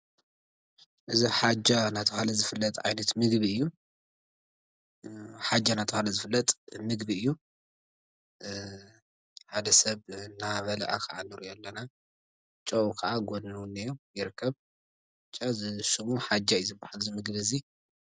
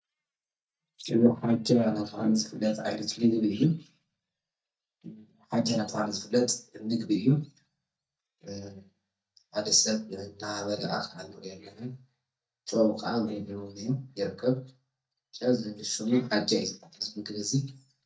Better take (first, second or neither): first